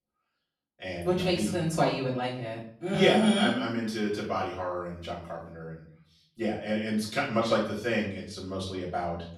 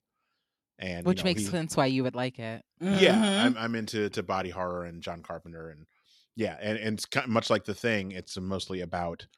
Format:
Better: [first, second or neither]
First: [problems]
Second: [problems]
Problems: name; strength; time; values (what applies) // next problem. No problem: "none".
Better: second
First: off-mic speech; far // room echo; noticeable; dies away in 0.5 s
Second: none